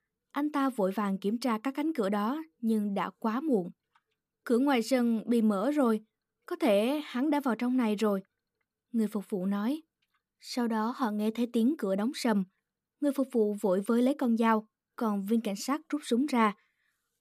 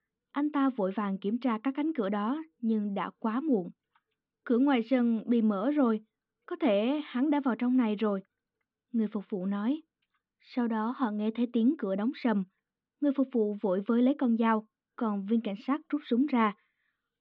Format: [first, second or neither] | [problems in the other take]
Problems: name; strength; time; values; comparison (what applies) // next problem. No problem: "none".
first | muffled; very; fading above 3.5 kHz